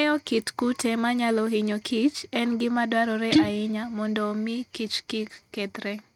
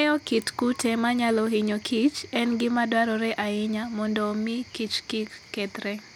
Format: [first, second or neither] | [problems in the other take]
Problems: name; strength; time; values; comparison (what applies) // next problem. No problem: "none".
second | noise reduction (neural mask model RNNoise)